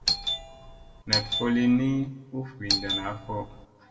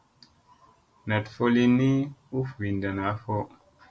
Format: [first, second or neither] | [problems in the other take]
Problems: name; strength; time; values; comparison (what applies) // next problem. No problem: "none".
second | background sound (Doorbell); 2 dB below the speech // room echo; dies away in 1 s